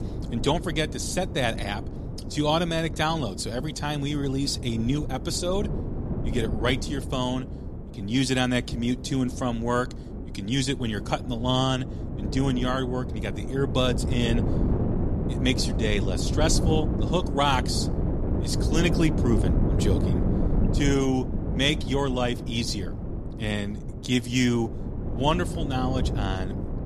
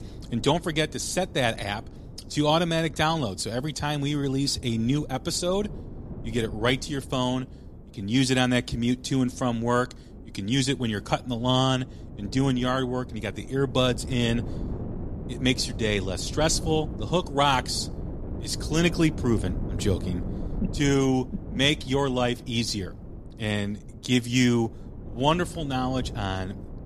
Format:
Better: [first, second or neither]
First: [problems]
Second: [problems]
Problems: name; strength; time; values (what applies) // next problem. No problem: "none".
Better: second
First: wind noise on the microphone; heavy; 9 dB below the speech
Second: wind noise on the microphone; occasional gusts; 20 dB below the speech